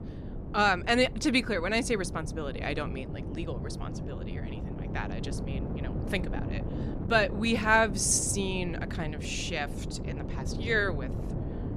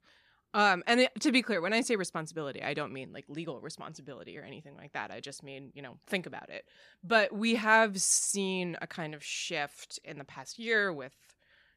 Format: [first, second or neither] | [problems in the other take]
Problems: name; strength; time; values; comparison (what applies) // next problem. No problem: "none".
second | wind noise on the microphone; occasional gusts; 15 dB below the speech